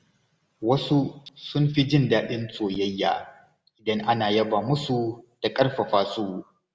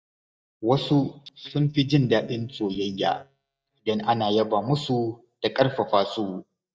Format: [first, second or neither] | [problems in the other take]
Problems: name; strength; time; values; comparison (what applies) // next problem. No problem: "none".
first | noise reduction (neural mask model DeepFilterNet 3)